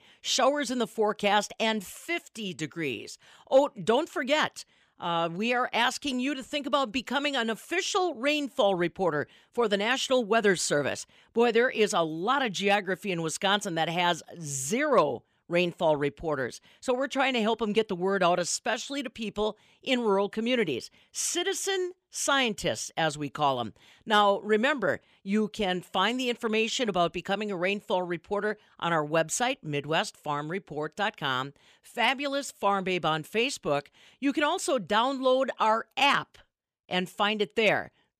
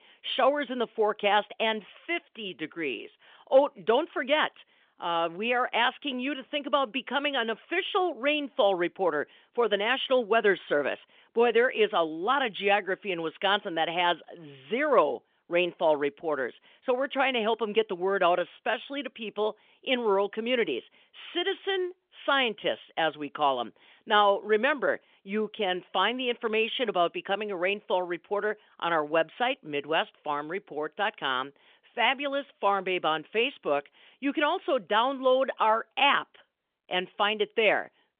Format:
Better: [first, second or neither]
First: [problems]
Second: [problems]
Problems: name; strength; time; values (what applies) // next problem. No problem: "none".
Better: first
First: none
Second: phone-call audio; nothing above 3.5 kHz